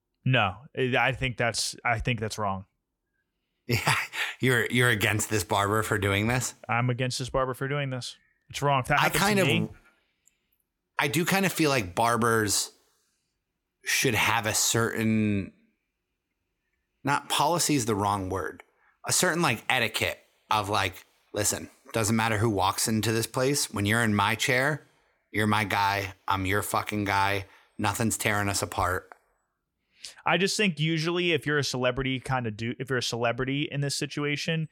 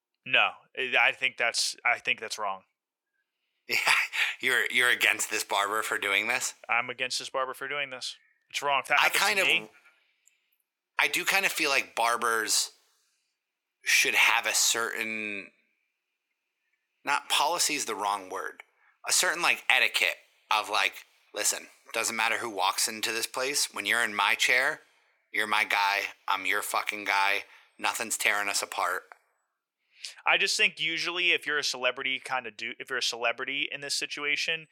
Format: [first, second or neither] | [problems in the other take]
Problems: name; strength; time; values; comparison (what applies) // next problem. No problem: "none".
first | thin; very; fading below 550 Hz